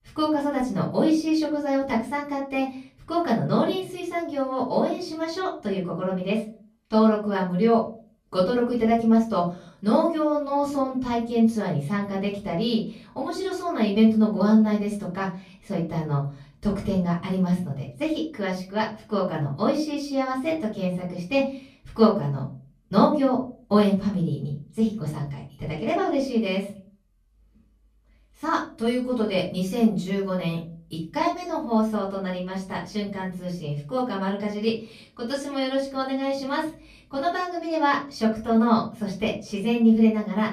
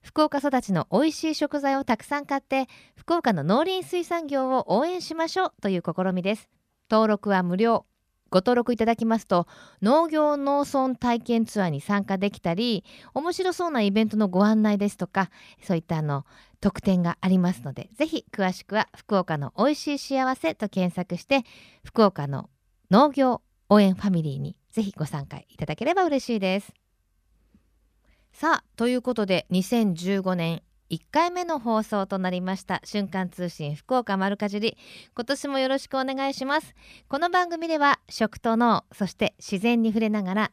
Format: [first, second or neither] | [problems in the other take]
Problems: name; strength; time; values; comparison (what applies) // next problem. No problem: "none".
second | off-mic speech; far // room echo; slight; dies away in 0.4 s